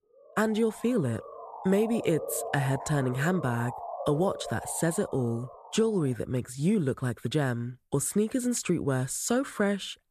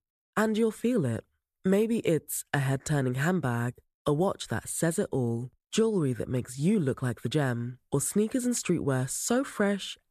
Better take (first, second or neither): second